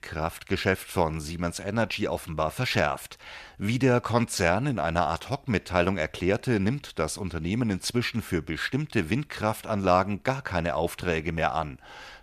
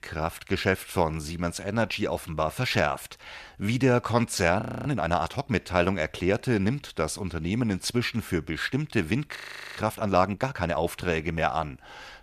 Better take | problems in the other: first | audio freezing; at 4.5 s and at 9.5 s

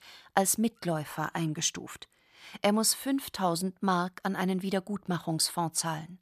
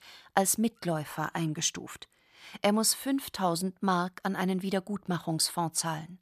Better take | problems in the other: neither | none

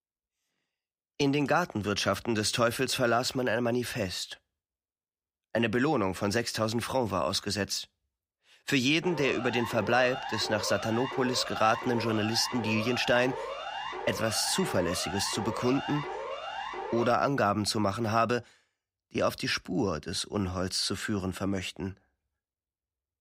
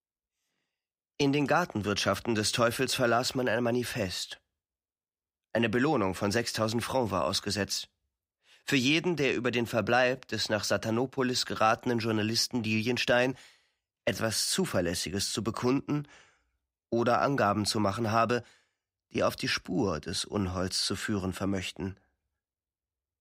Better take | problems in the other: second | siren; noticeable; from 9 to 17 s; peak 7 dB below the speech

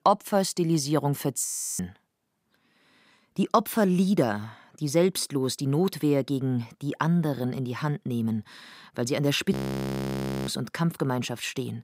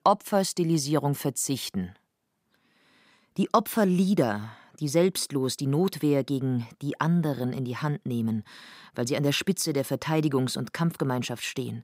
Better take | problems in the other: second | audio freezing; at 1.5 s and at 9.5 s for 1 s

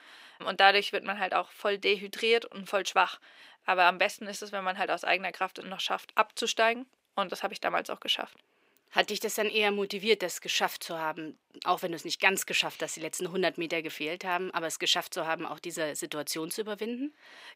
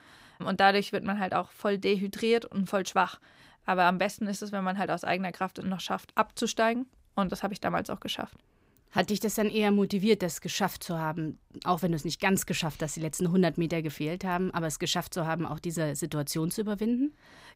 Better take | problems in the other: second | thin; somewhat; fading below 450 Hz

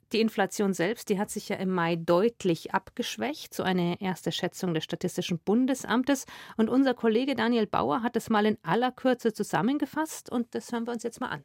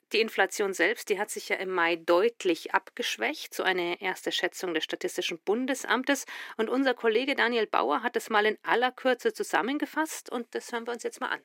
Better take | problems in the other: first | thin; somewhat; fading below 300 Hz

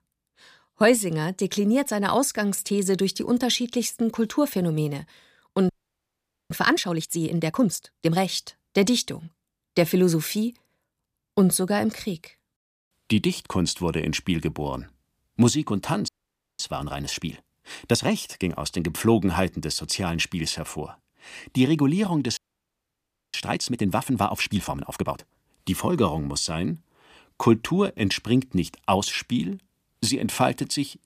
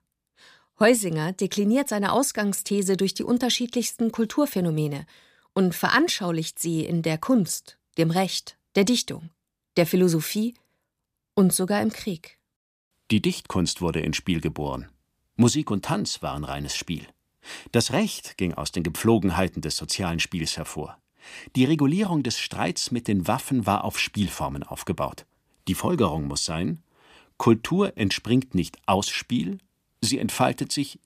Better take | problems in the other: second | audio freezing; at 5.5 s for 1 s, at 16 s for 0.5 s and at 22 s for 1 s

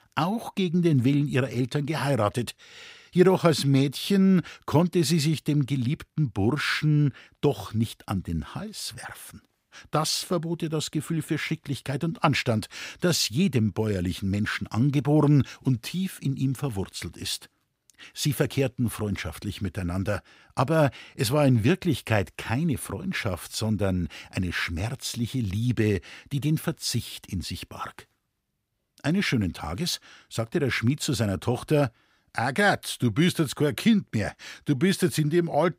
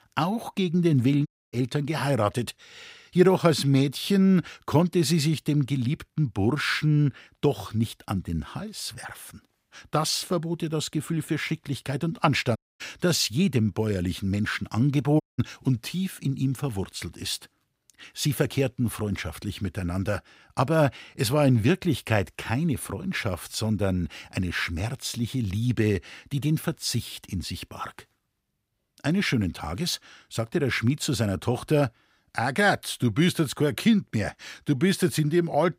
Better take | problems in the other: first | audio cutting out; at 1.5 s, at 13 s and at 15 s

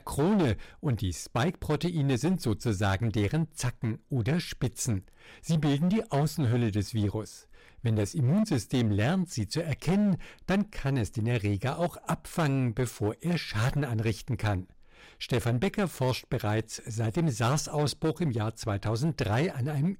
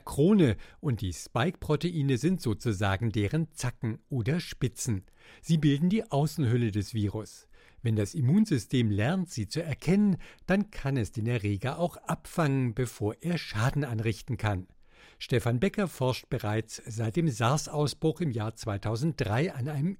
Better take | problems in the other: second | distortion; slight; 11% of the sound clipped

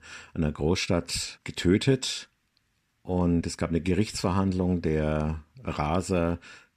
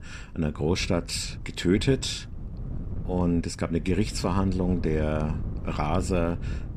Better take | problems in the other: first | wind noise on the microphone; occasional gusts; 15 dB below the speech

